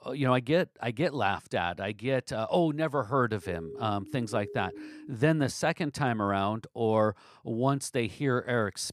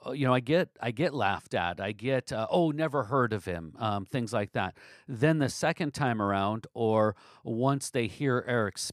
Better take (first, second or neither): second